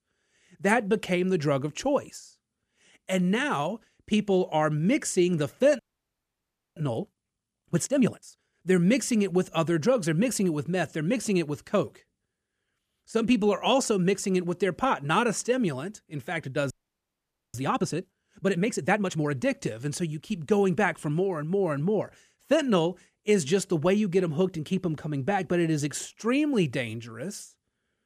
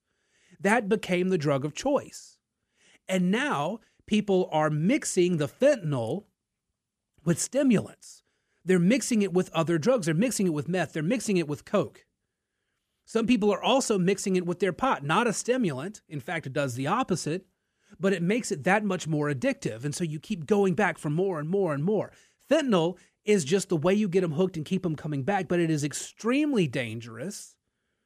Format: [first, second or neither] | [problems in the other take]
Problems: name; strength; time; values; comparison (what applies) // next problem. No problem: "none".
second | audio freezing; at 6 s for 1 s and at 17 s for 1 s